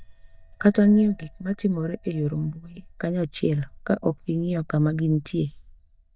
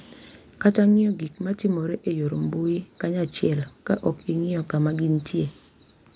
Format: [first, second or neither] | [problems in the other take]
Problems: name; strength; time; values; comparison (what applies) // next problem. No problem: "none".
second | noise reduction (neural mask model DeepFilterNet 3)